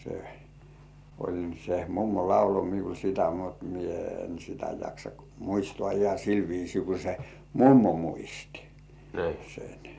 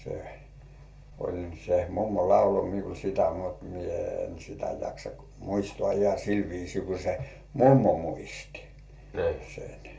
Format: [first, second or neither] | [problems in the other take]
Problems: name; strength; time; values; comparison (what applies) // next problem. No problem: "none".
first | room echo; dies away in 0.2 s